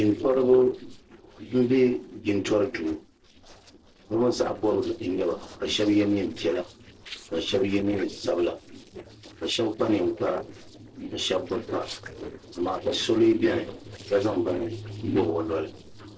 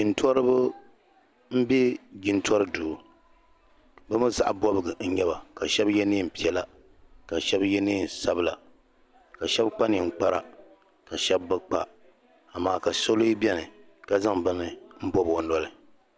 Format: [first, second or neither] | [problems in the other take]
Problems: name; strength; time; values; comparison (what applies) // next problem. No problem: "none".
second | noise reduction (neural separator model SepFormer DNS4)